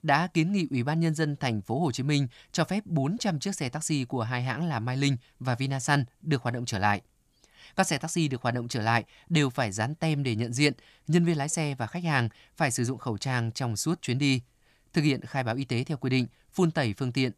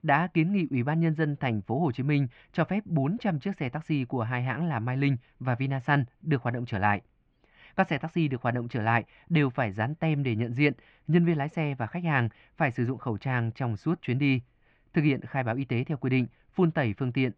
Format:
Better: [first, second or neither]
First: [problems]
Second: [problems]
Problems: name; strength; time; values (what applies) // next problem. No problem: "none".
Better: first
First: none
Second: muffled; very; fading above 2.5 kHz